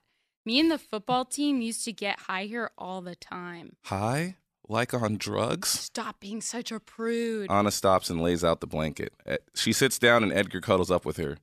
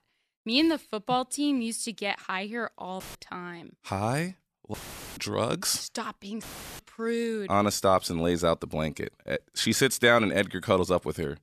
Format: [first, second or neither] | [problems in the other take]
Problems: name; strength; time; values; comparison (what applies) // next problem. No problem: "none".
first | audio cutting out; filled with static; at 3 s, at 4.5 s and at 6.5 s